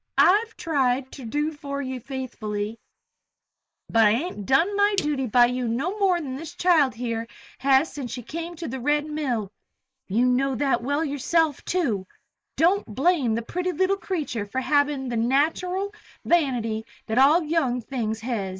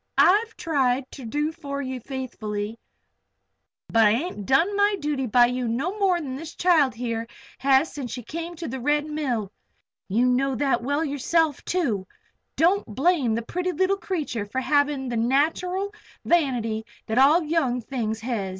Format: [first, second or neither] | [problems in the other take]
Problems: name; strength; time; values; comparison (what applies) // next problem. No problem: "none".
second | noise reduction (neural mask model Resemble Enhance denoiser)